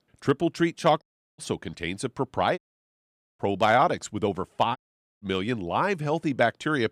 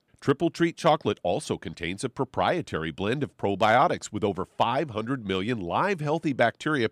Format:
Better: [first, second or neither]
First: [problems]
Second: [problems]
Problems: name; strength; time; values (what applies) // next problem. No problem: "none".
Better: second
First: audio cutting out; at 1 s, at 2.5 s for 1 s and at 5 s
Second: none